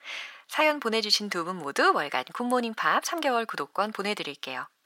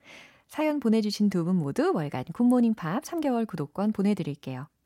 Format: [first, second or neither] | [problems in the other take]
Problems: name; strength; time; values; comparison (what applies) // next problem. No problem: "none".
second | thin; very; fading below 550 Hz